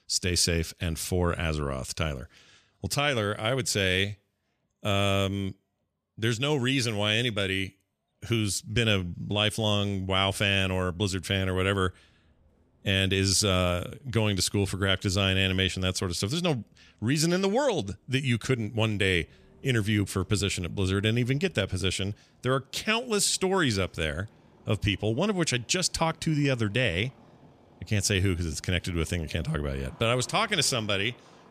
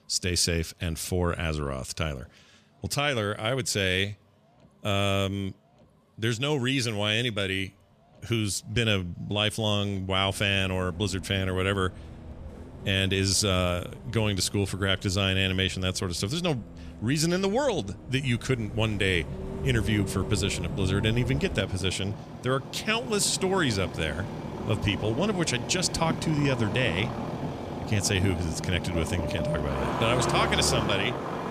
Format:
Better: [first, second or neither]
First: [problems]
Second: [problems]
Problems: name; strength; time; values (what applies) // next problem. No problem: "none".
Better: first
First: traffic noise; faint; throughout; 30 dB below the speech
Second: traffic noise; loud; throughout; 8 dB below the speech